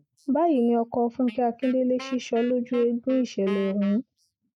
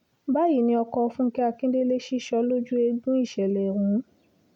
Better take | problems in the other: second | noise reduction (neural mask model Resemble Enhance denoiser)

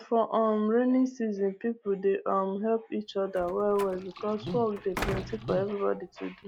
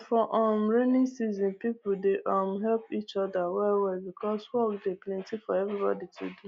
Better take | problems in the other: second | background sound (Liquid + Slam); 10 dB below the speech

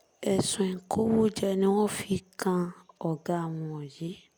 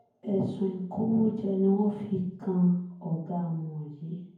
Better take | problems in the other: first | room echo; dies away in 0.9 s

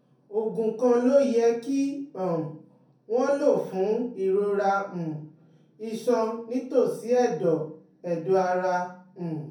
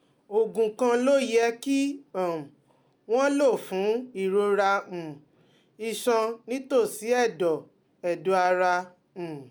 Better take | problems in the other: second | room echo; dies away in 0.5 s

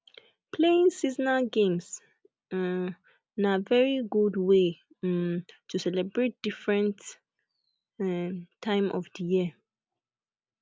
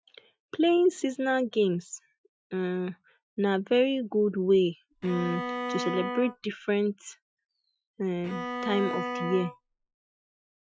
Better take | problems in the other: first | noise reduction (classical method Wiener filter)

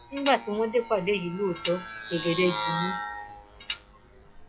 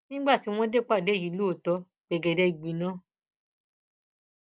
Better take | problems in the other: second | noise reduction (classical method log-MMSE)

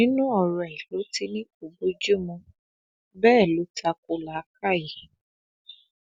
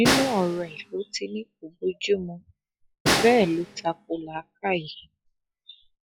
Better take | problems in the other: first | noise reduction (classical method log-MMSE)

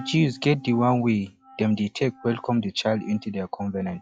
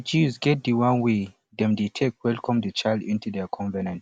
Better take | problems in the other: second | noise reduction (classical method log-MMSE)

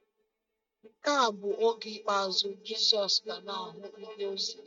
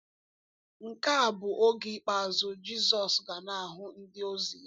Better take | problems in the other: second | noise reduction (neural mask model DeepFilterNet 3)

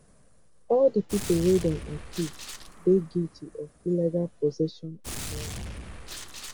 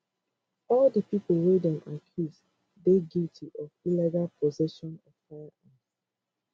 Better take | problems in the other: second | background sound (Gunshot, gunfire); 12 dB below the speech

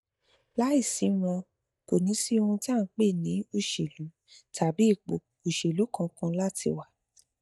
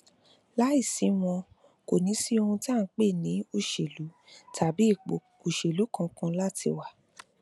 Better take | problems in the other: second | noise reduction (neural mask model DeepFilterNet 3)

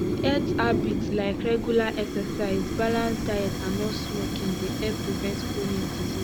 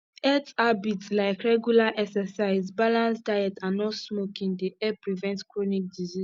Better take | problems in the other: second | background sound (Fire); as loud as the speech

